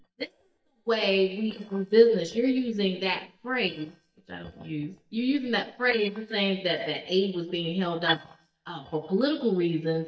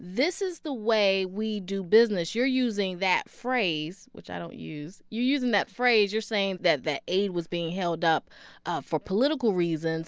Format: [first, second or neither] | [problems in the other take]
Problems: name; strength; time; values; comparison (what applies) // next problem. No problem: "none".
second | noise reduction (neural mask model DeepFilterNet 3)